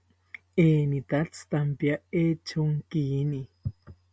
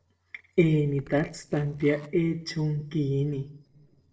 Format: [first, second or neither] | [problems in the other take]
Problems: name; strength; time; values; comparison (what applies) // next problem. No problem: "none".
first | noise reduction (neural separator model SepFormer DNS4)